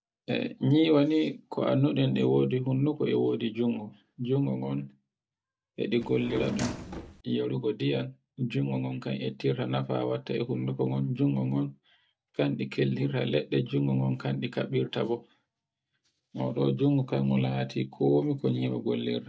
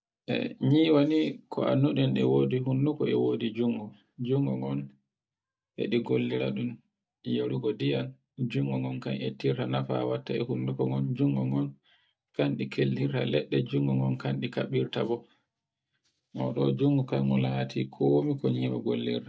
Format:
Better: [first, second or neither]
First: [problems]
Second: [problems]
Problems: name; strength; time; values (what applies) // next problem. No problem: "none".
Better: second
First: background sound (Drawer open or close); 8 dB below the speech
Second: none